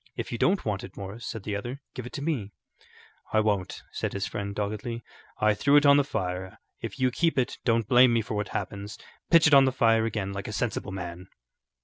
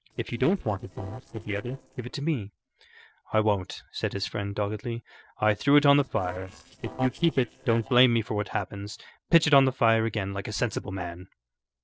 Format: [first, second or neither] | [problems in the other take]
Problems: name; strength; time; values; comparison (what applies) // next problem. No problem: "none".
first | noise reduction (neural separator model SepFormer DNS4)